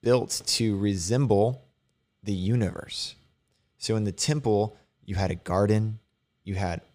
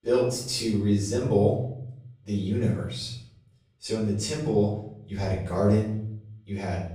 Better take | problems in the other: first | off-mic speech; far // room echo; noticeable; dies away in 0.6 s

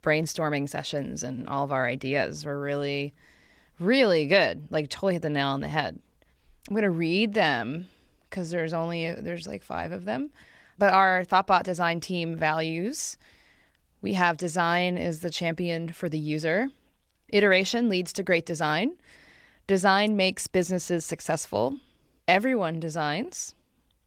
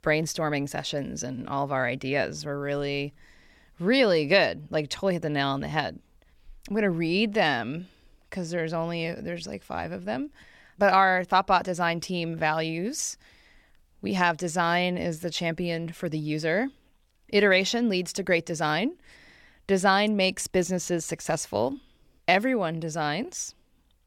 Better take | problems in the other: second | garbled, watery; slightly; nothing above 17.5 kHz

